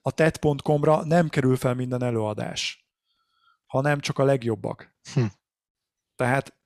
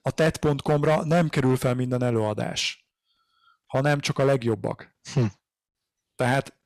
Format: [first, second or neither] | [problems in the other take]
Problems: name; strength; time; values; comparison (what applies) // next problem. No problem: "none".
first | distortion; slight; 6% of the sound clipped